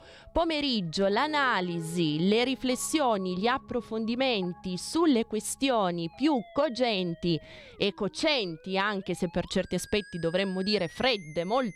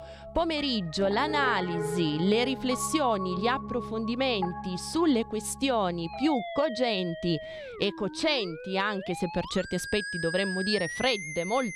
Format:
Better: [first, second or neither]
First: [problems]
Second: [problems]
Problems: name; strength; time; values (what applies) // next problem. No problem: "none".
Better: first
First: background music; faint; throughout; 20 dB below the speech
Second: background music; loud; throughout; 8 dB below the speech